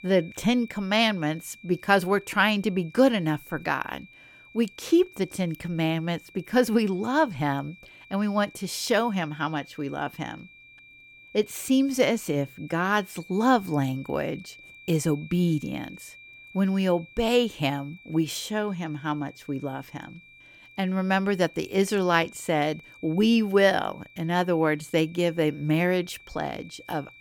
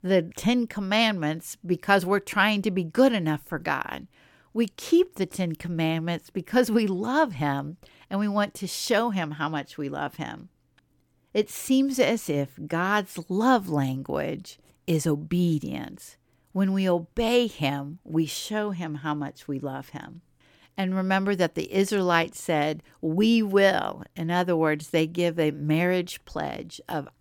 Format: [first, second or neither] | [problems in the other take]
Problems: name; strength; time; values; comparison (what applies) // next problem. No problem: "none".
second | high-pitched whine; faint; throughout; 2.5 kHz, 25 dB below the speech